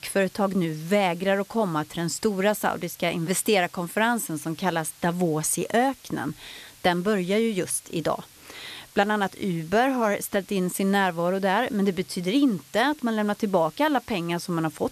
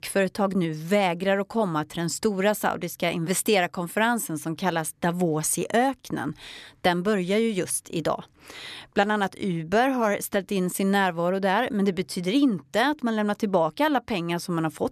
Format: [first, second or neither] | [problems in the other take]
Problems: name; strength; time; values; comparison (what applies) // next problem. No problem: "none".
second | hiss; faint; throughout; 25 dB below the speech